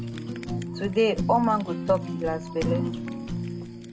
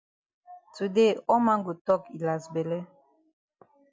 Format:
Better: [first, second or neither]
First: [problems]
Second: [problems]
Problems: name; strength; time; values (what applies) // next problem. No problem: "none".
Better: second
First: background sound (Fire); 3 dB below the speech // room echo; dies away in 0.2 s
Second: none